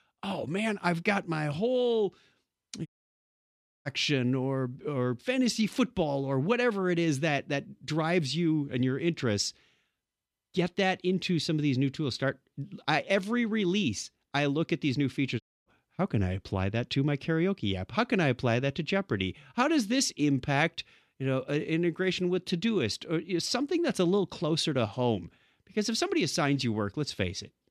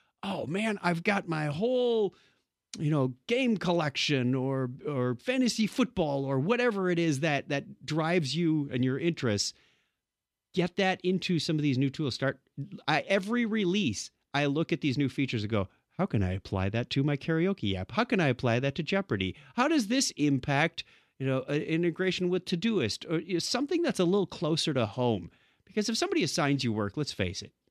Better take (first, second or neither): second